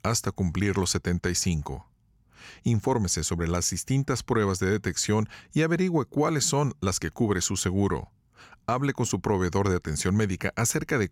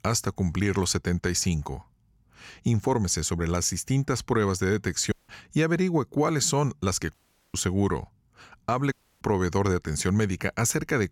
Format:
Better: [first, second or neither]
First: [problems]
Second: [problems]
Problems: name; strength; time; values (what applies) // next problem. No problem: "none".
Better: first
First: none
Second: audio cutting out; at 5 s, at 7 s and at 9 s